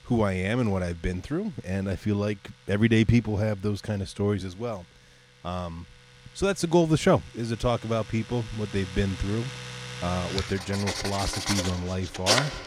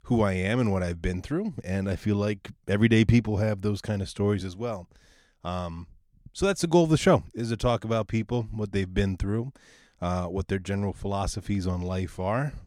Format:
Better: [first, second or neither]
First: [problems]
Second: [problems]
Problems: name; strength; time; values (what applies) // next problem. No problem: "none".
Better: second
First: household noises; loud; throughout; 5 dB below the speech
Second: none